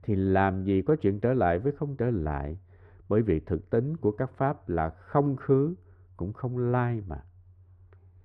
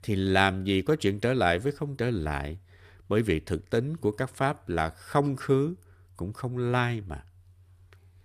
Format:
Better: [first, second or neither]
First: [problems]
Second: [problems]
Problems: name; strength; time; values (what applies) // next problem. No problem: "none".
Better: second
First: muffled; very; fading above 3 kHz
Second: none